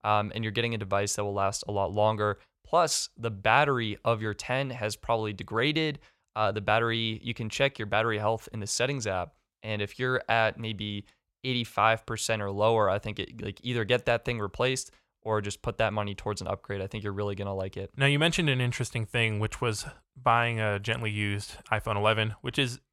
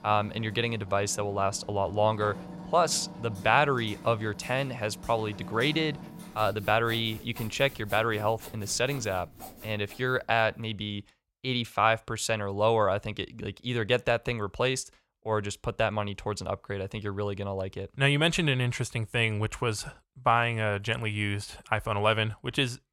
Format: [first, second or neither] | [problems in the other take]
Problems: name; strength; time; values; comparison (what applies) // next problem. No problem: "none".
first | machinery noise; noticeable; until 10 s; 15 dB below the speech